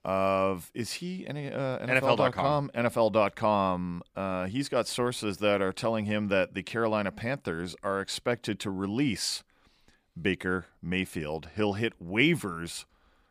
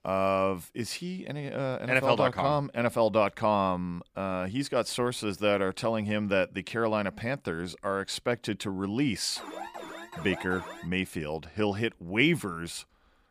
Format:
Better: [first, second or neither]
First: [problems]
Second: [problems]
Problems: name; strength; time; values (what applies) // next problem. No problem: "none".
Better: first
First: none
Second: alarm; faint; from 9.5 to 11 s; peak 10 dB below the speech